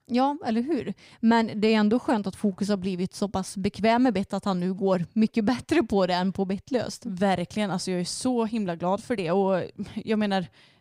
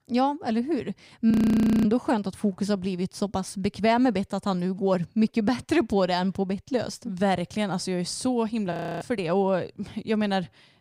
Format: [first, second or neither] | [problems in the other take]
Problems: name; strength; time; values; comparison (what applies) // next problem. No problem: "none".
first | audio freezing; at 1.5 s for 0.5 s and at 8.5 s